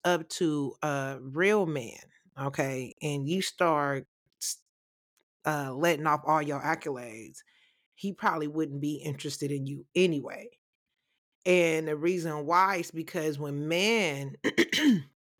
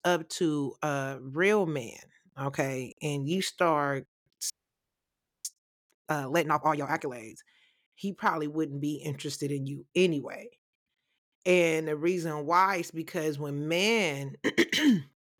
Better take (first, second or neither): first